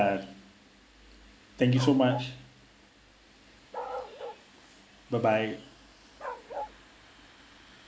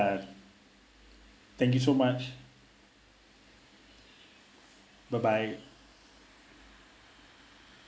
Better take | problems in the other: second | background sound (Bark); 13 dB below the speech

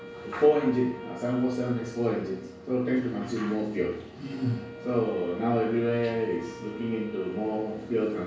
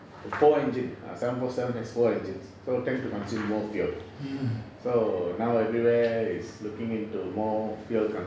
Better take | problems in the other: second | background sound (Wind instrument, woodwind instrument); 16 dB below the speech // room echo; dies away in 0.2 s

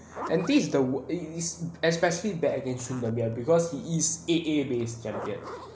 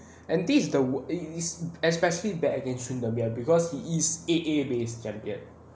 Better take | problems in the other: second | background sound (Zipper (clothing)); 17 dB below the speech

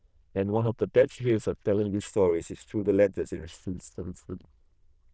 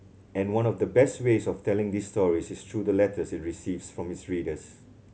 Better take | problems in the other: second | noise reduction (neural diffusion model UNIVERSE++)

